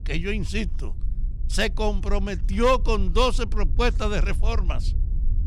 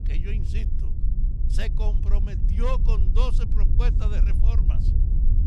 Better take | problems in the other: first | low rumble; loud; throughout; 6 dB below the speech; faint in the first

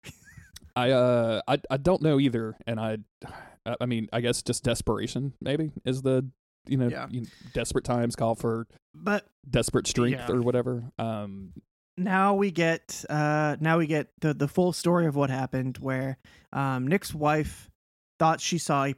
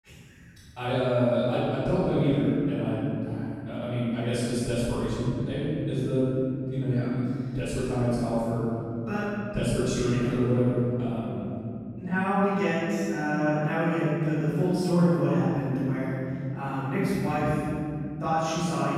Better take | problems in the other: first | room echo; strong; dies away in 3 s // off-mic speech; far

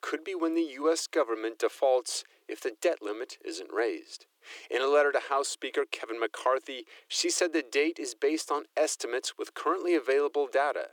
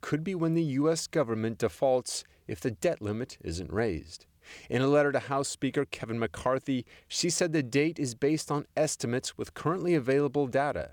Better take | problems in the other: second | thin; very; fading below 300 Hz

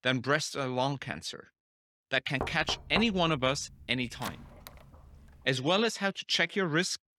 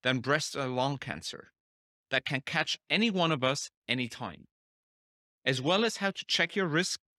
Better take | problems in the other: second | door banging; noticeable; from 2.5 to 4.5 s; peak 8 dB below the speech

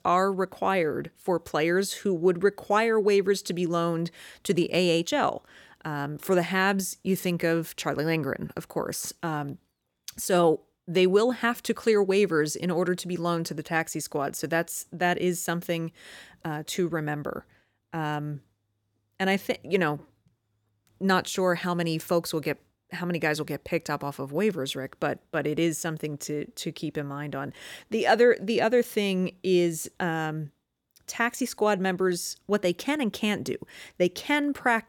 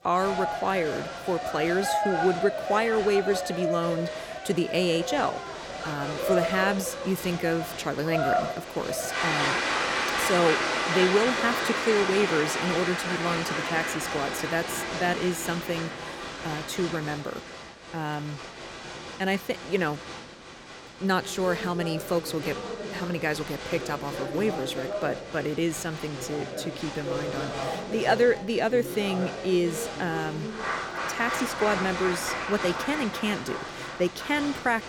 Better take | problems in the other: first | crowd noise; loud; throughout; 3 dB below the speech

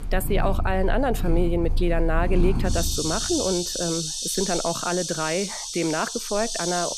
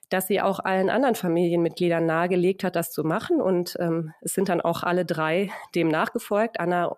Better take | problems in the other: second | animal sounds; loud; throughout; 1 dB below the speech

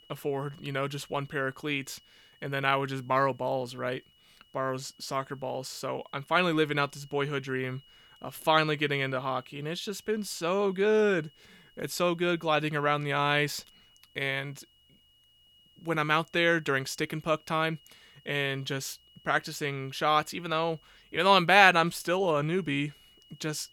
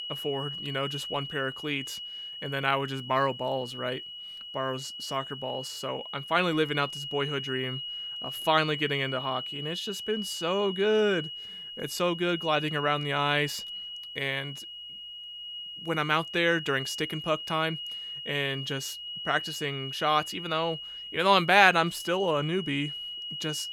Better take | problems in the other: first | high-pitched whine; loud; throughout; 3 kHz, 8 dB below the speech; faint in the first

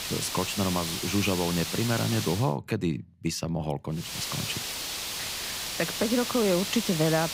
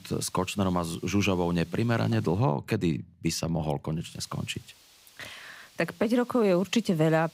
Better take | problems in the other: second | hiss; loud; until 2.5 s and from 4 s on; 3 dB below the speech; faint in the second

